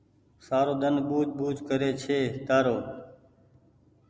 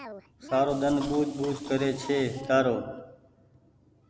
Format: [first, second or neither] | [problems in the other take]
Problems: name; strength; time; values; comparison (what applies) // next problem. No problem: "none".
first | background sound (Cough); 16 dB below the speech